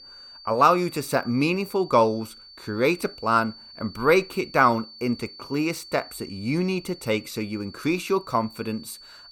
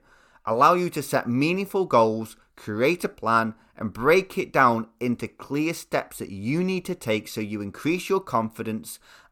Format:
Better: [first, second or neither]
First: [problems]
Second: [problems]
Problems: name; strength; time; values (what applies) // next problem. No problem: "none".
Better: second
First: high-pitched whine; noticeable; throughout; 4.5 kHz, 20 dB below the speech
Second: none